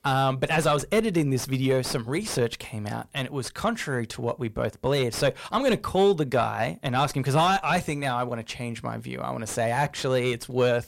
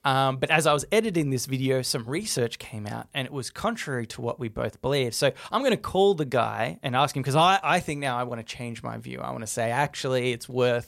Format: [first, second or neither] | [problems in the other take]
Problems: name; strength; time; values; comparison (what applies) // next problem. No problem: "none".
second | distortion; slight; 9 dB below the speech